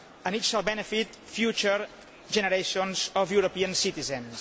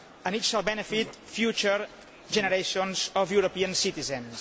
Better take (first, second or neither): first